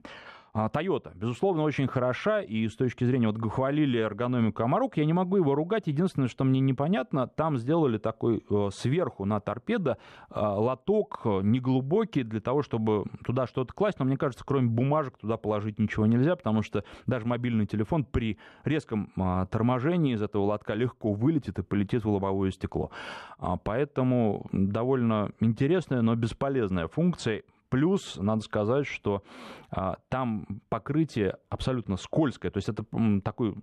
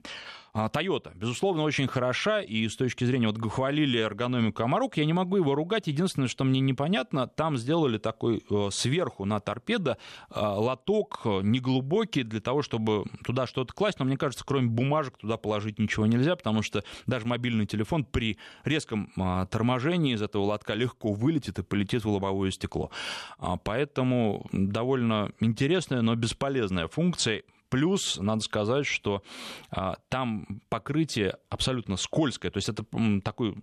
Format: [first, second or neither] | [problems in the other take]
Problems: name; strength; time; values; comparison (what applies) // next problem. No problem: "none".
second | muffled; slightly; fading above 2 kHz